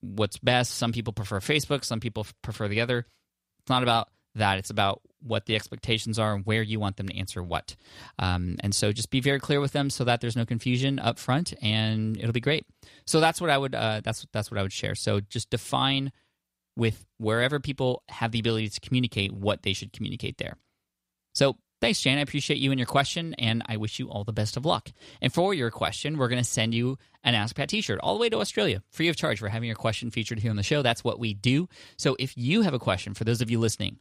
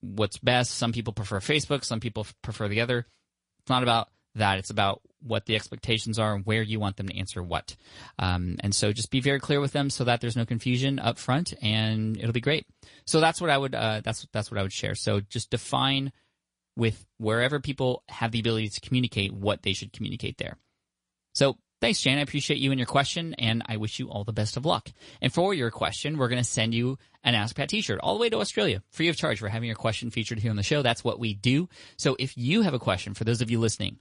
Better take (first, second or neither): first